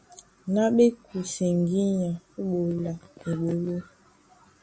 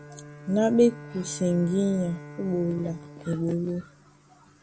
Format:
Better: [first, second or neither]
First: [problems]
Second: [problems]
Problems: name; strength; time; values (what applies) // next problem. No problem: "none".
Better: first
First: none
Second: background sound (Bowed string instrument); 17 dB below the speech